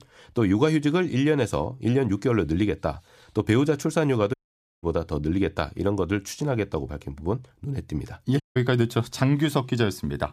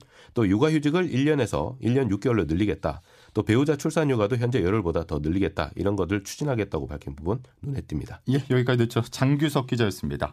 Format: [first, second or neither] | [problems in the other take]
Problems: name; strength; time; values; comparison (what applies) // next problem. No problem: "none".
second | audio cutting out; at 4.5 s and at 8.5 s